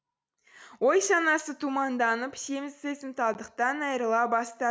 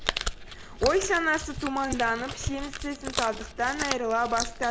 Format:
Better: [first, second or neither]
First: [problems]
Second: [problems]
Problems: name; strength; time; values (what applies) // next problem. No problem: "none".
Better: first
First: none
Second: noise reduction (neural mask model Resemble Enhance denoiser)